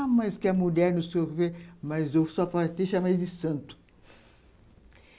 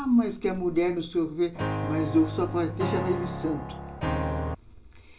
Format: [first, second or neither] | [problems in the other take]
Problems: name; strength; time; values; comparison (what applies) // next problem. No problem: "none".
first | background sound (Piano); 3 dB below the speech // room echo; dies away in 0.2 s